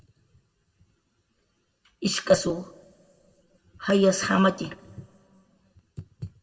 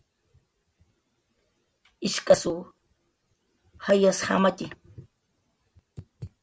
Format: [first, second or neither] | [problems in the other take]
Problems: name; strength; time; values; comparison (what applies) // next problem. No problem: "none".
second | room echo; dies away in 0.9 s